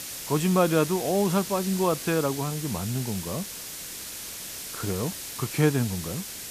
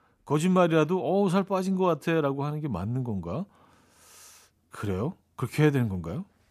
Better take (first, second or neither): second